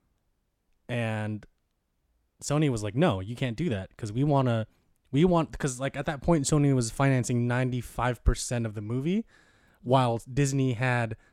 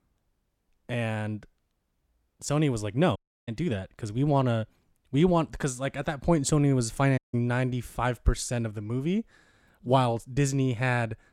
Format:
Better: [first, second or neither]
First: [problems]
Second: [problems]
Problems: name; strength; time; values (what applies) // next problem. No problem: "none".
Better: first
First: none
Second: audio cutting out; at 3 s and at 7 s